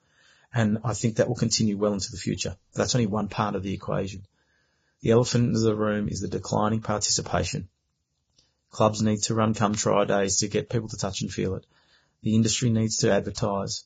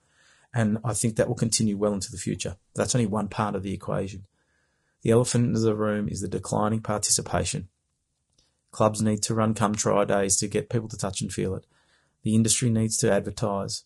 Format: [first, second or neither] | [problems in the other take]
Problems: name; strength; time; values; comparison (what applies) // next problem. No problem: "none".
second | garbled, watery; badly; nothing above 7.5 kHz; slightly in the second